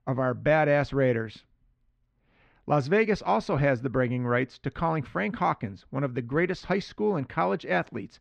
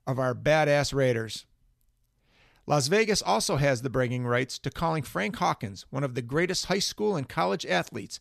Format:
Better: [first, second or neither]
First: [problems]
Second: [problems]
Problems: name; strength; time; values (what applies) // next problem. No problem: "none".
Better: second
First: muffled; very; fading above 2 kHz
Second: none